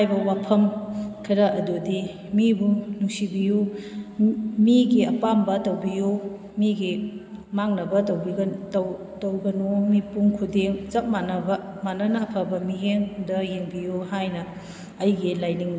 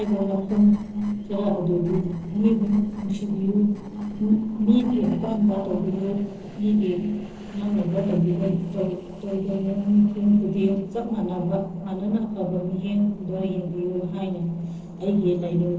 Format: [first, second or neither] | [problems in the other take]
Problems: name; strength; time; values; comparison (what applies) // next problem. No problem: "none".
first | noise reduction (neural separator model SepFormer DNS4)